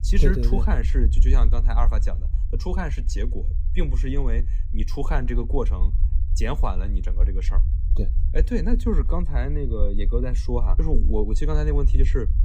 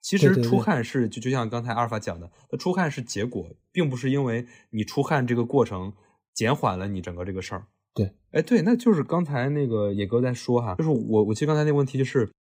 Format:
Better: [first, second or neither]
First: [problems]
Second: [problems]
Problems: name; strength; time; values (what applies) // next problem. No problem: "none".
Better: second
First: low rumble; noticeable; throughout; 15 dB below the speech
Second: none